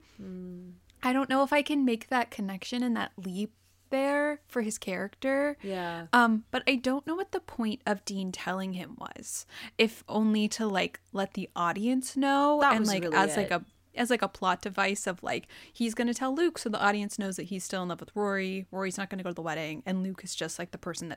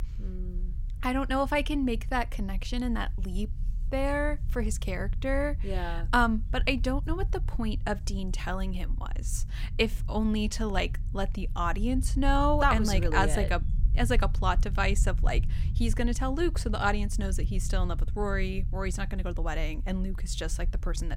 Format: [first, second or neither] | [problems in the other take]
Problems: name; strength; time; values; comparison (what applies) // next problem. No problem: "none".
first | low rumble; faint; throughout; 20 dB below the speech